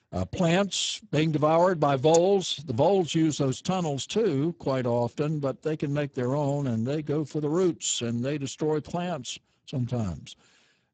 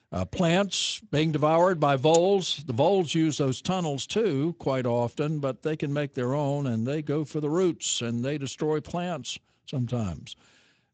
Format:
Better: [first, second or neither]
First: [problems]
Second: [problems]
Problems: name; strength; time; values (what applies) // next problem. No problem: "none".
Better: second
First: garbled, watery; badly; nothing above 7.5 kHz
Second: garbled, watery; slightly; nothing above 7.5 kHz